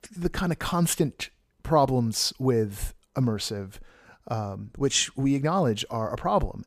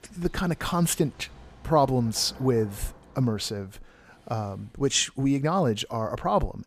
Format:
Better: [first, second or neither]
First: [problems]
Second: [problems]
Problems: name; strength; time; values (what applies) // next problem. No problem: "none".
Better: first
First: none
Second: rain or running water; faint; throughout; 25 dB below the speech